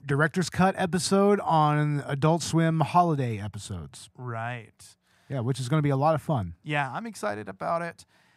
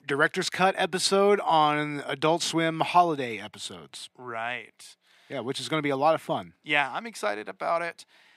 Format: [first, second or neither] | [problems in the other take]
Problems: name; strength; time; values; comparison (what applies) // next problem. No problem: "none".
first | thin; somewhat; fading below 350 Hz